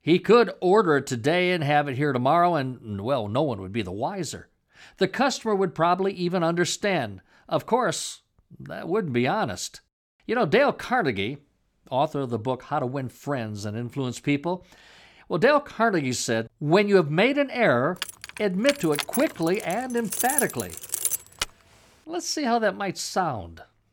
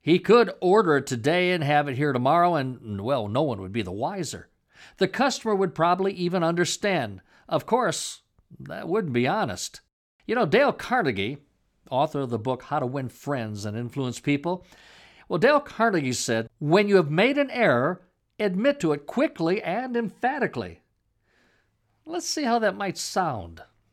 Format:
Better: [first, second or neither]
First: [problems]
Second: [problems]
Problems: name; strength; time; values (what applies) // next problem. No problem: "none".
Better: second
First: jangling keys; loud; from 18 to 21 s; peak level with the speech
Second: none